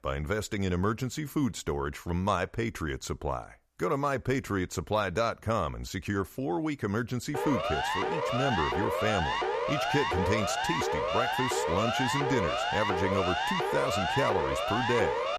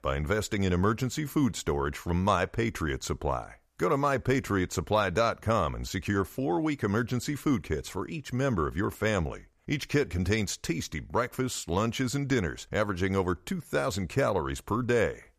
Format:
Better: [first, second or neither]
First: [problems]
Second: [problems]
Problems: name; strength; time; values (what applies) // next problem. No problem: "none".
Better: second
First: siren; loud; from 7.5 s on; peak 2 dB above the speech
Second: none